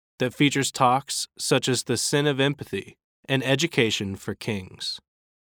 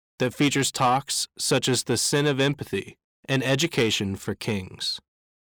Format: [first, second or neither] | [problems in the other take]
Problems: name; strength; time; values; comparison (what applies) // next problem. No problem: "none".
first | distortion; slight; 10 dB below the speech